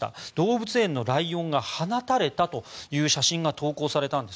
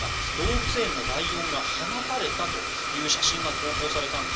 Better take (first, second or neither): first